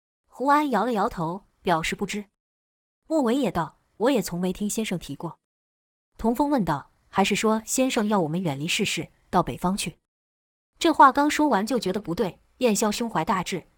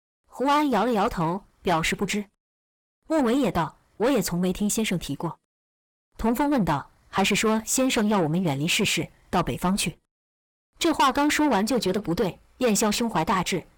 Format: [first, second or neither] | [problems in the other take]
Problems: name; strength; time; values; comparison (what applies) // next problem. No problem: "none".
first | distortion; heavy; 8 dB below the speech